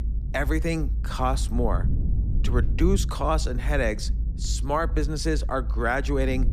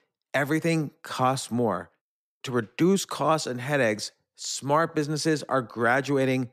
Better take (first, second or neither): second